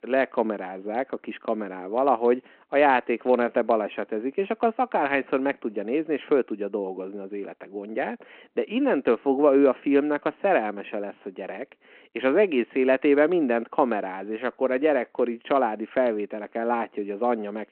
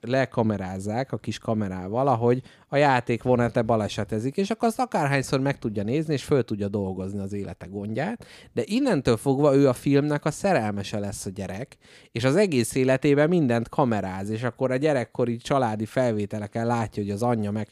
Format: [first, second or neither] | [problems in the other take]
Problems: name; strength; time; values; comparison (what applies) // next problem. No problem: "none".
second | phone-call audio